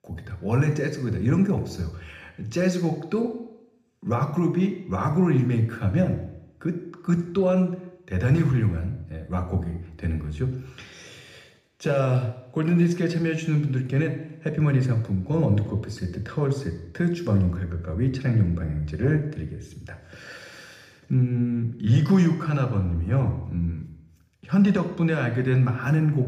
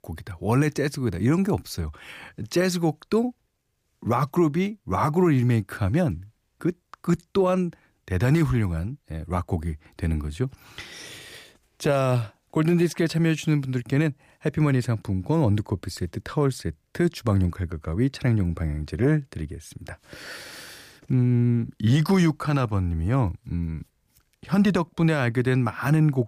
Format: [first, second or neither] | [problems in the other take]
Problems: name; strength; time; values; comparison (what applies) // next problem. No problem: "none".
second | room echo; slight; dies away in 0.8 s // off-mic speech; somewhat distant